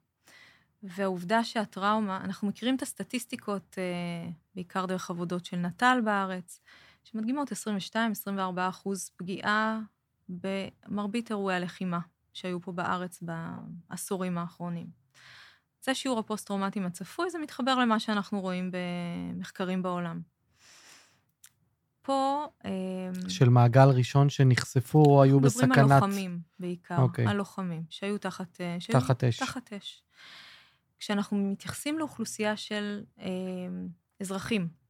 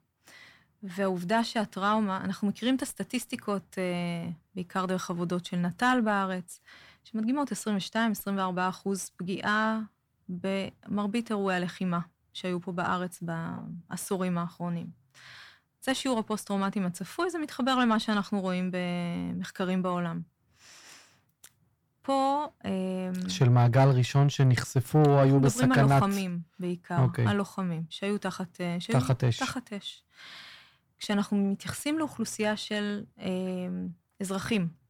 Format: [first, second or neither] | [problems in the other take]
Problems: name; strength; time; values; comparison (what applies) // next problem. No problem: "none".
first | distortion; slight; 10 dB below the speech